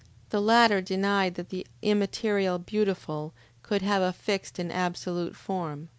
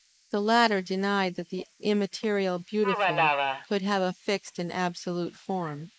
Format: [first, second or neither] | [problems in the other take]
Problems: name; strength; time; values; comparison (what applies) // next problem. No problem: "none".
first | noise reduction (neural mask model Resemble Enhance denoiser)